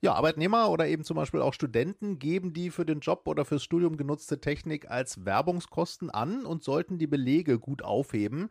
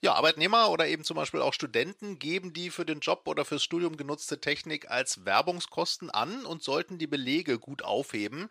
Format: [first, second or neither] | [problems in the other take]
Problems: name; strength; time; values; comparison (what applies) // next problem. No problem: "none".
first | thin; somewhat; fading below 650 Hz